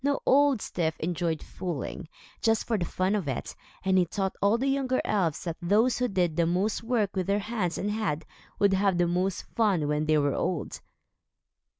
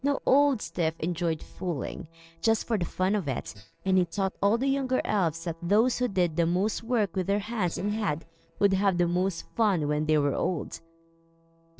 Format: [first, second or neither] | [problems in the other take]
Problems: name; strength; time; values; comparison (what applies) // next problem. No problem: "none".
first | noise reduction (neural separator model SepFormer DNS4)